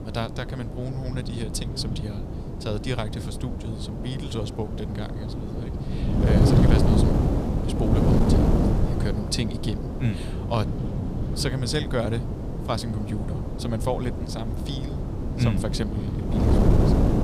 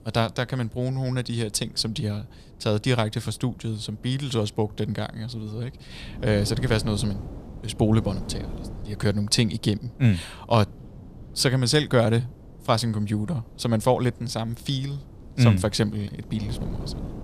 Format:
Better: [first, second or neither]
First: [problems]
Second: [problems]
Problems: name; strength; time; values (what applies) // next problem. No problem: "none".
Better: second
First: wind noise on the microphone; heavy; as loud as the speech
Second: wind noise on the microphone; occasional gusts; 20 dB below the speech